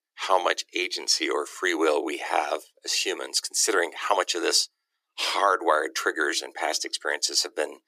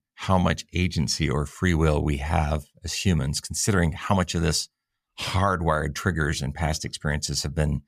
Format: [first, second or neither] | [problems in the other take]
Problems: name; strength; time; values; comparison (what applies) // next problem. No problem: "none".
second | thin; very; fading below 300 Hz